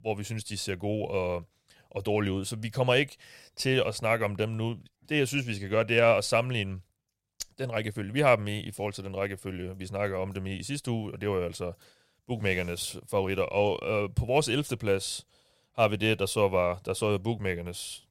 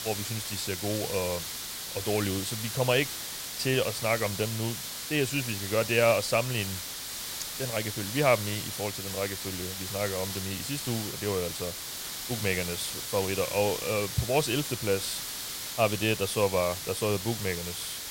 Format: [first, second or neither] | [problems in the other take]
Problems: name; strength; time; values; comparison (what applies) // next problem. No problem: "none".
first | hiss; loud; throughout; 4 dB below the speech